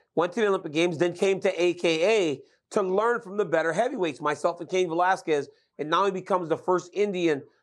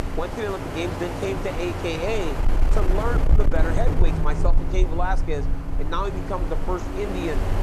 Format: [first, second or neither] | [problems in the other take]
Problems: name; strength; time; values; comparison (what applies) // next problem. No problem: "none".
first | wind noise on the microphone; heavy; 4 dB below the speech